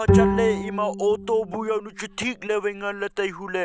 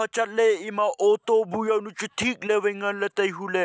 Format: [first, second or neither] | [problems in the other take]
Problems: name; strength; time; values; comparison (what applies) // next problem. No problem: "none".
second | background sound (Bowed string instrument); as loud as the speech